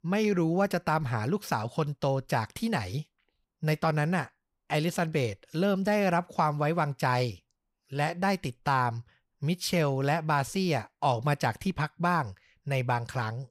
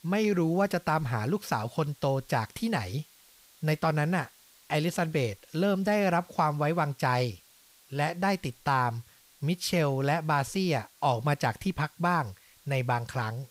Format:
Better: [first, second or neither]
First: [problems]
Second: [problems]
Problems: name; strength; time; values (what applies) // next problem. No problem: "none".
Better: first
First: none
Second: hiss; faint; throughout; 25 dB below the speech